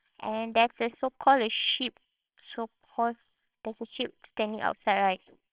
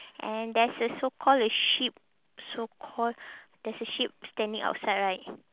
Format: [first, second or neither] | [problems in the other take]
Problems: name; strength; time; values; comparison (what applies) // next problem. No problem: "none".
second | noise reduction (neural separator model SepFormer WHAMR!)